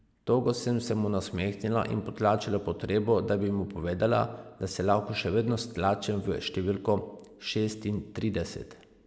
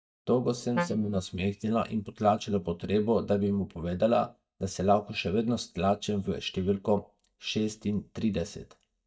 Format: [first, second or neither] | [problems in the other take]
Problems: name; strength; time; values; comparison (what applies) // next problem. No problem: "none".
first | noise reduction (neural mask model DeepFilterNet 3)